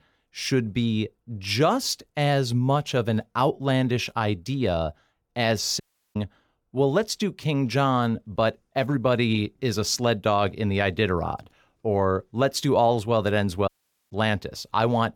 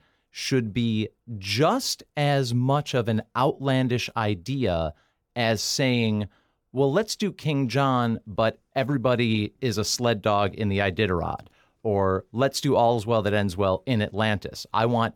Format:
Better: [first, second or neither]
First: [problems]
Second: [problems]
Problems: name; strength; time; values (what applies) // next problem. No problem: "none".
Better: second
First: audio cutting out; at 6 s and at 14 s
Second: none